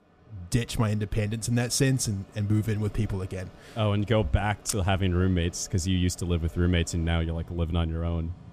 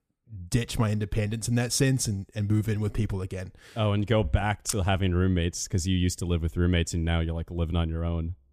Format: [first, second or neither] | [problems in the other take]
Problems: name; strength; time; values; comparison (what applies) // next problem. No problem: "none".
second | machinery noise; faint; throughout; 25 dB below the speech